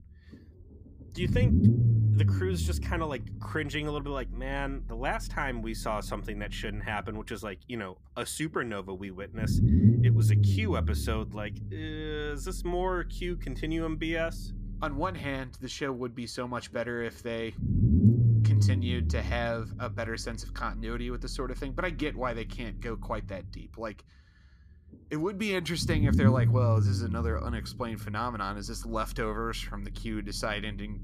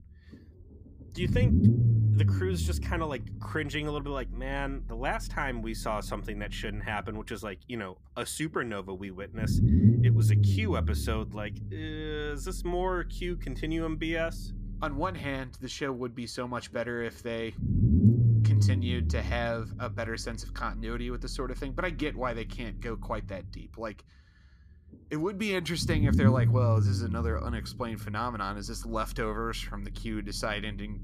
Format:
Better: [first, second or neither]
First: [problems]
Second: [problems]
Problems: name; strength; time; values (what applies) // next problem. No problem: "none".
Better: neither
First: low rumble; loud; throughout; 3 dB below the speech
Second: low rumble; loud; throughout; 3 dB below the speech